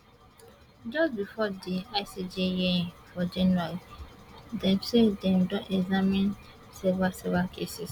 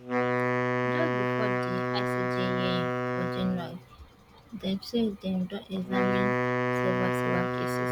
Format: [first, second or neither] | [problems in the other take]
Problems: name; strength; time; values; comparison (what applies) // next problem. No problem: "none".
first | background sound (Wind instrument, woodwind instrument); 5 dB above the speech